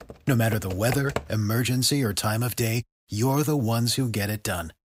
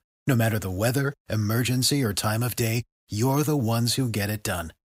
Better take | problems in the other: second | keyboard typing; noticeable; until 1 s; peak 7 dB below the speech

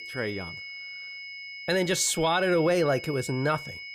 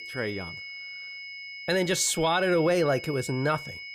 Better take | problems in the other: neither | high-pitched whine; noticeable; throughout; 2 kHz, 10 dB below the speech; the same in both

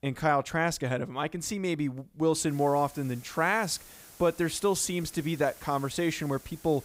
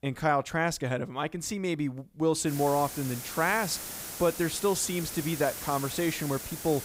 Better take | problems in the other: first | hiss; loud; from 2.5 s on; 8 dB below the speech; faint in the first

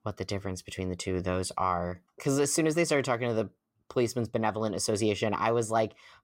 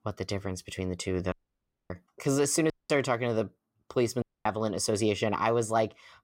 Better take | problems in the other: first | audio cutting out; at 1.5 s for 0.5 s, at 2.5 s and at 4 s

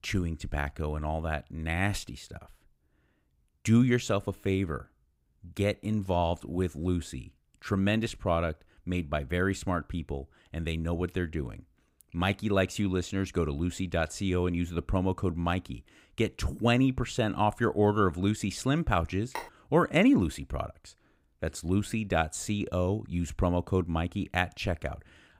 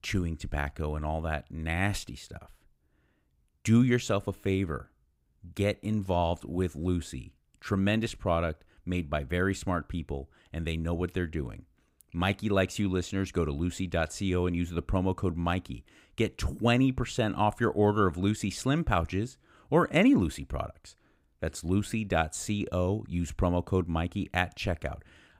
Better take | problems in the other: second | phone ringing; faint; at 19 s; peak 10 dB below the speech

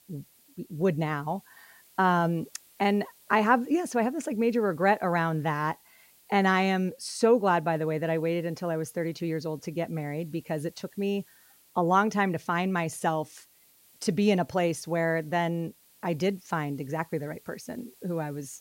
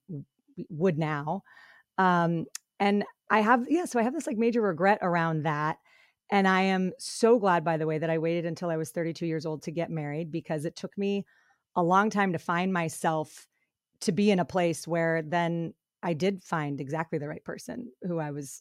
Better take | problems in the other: second | hiss; faint; throughout; 30 dB below the speech

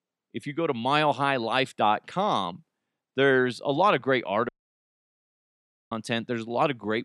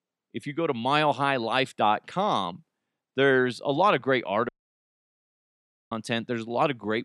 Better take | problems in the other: neither | audio cutting out; at 4.5 s for 1.5 s; the same in both

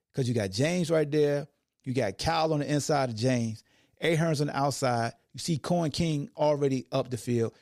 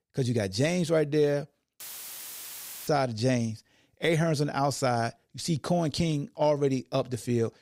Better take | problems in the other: first | audio cutting out; filled with static; at 2 s for 1 s

